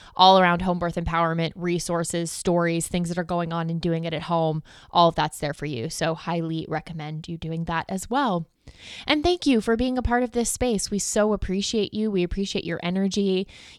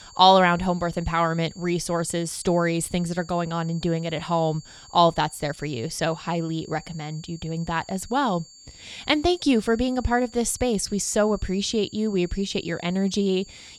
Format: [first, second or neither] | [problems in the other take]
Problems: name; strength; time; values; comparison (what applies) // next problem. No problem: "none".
first | high-pitched whine; faint; throughout; 4.5 kHz, 20 dB below the speech